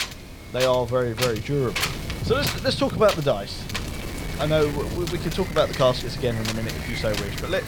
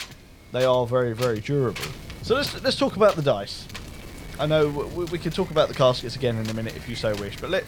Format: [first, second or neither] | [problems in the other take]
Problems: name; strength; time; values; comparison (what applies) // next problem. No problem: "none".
second | wind noise on the microphone; heavy; 7 dB below the speech; occasional gusts in the second